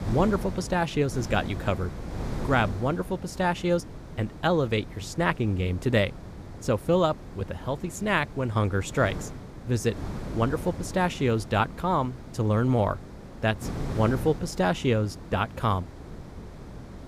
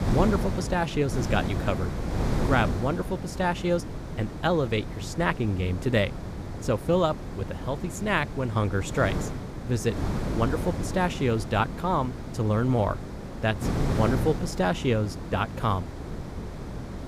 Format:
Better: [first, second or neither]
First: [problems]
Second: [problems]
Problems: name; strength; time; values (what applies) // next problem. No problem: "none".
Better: first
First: wind noise on the microphone; occasional gusts; 15 dB below the speech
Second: wind noise on the microphone; heavy; 10 dB below the speech